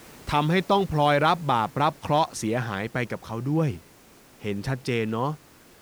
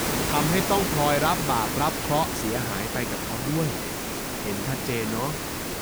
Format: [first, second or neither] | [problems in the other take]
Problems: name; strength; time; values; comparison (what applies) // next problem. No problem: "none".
first | hiss; loud; throughout; as loud as the speech; faint in the first